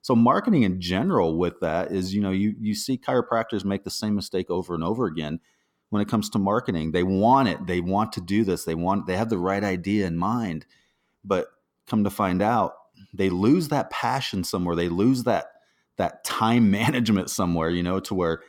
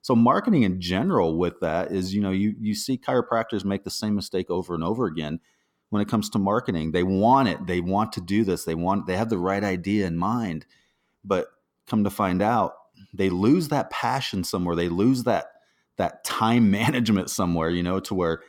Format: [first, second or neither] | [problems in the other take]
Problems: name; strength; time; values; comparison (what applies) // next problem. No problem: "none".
neither | none